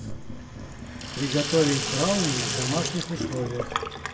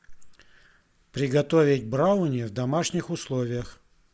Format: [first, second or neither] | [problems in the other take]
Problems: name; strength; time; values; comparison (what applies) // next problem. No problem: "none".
second | background sound (Sink (filling or washing)); 2 dB below the speech // room echo; dies away in 0.6 s